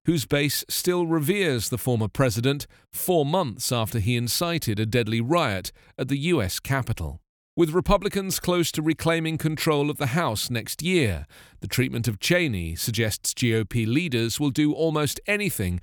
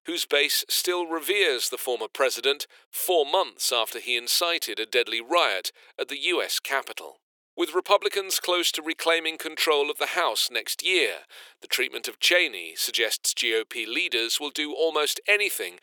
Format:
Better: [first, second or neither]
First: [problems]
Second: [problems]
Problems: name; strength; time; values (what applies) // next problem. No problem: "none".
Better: first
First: none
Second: thin; very; fading below 400 Hz